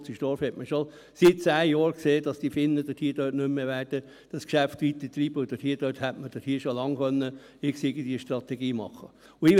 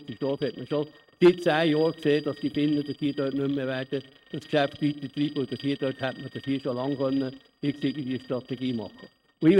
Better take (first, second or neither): first